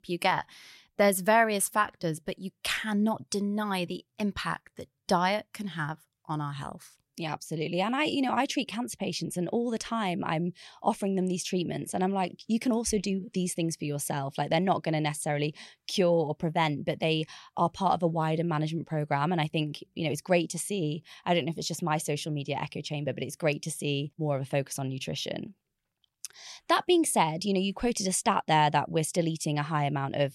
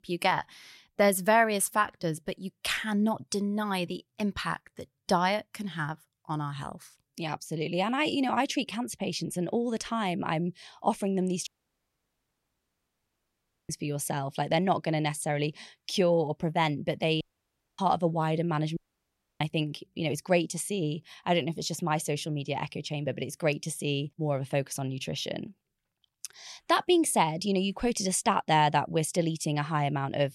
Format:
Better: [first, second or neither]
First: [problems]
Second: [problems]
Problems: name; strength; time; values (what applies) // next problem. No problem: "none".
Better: first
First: none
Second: audio cutting out; at 11 s for 2 s, at 17 s for 0.5 s and at 19 s for 0.5 s